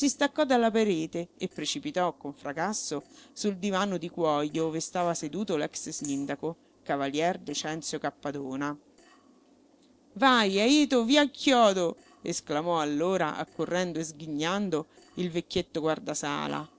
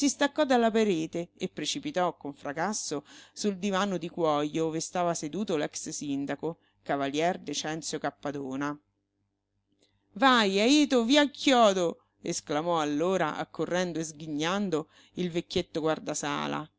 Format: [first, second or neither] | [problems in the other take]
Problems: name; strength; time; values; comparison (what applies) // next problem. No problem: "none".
second | noise reduction (neural separator model SepFormer DNS4)